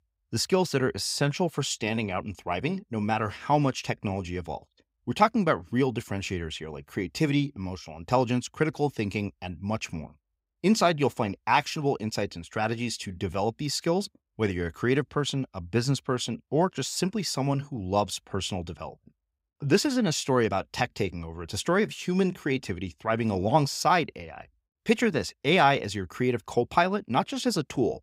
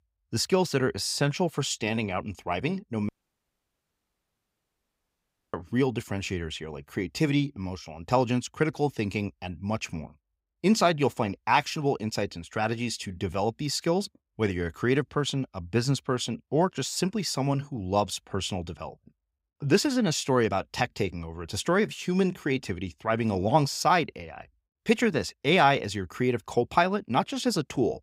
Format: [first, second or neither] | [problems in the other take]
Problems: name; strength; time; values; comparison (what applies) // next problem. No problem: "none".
first | audio cutting out; at 3 s for 2.5 s